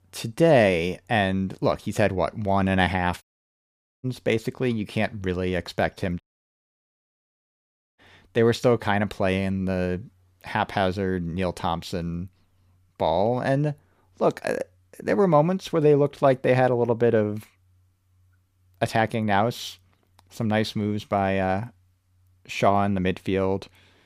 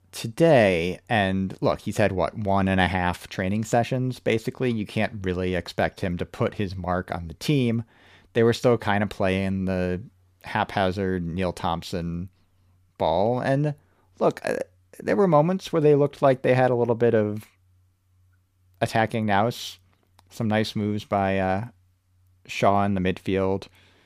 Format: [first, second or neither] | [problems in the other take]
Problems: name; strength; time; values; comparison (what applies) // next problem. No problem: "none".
second | audio cutting out; at 3 s for 1 s and at 6 s for 2 s